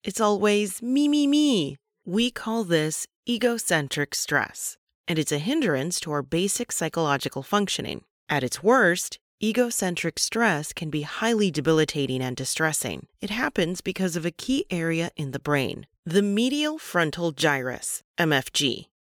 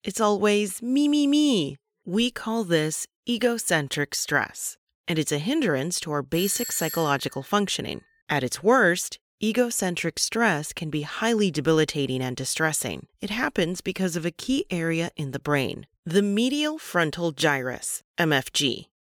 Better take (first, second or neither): first